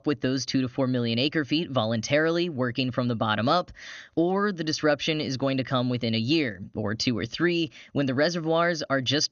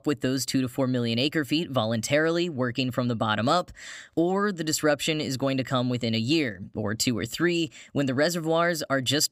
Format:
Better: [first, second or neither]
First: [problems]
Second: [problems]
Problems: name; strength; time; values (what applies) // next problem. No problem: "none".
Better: second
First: garbled, watery; slightly; nothing above 6.5 kHz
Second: none